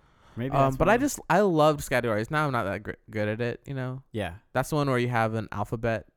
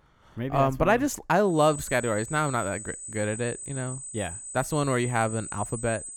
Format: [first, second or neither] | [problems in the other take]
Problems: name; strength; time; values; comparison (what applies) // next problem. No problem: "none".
first | high-pitched whine; loud; from 1.5 s on; 8 kHz, 9 dB below the speech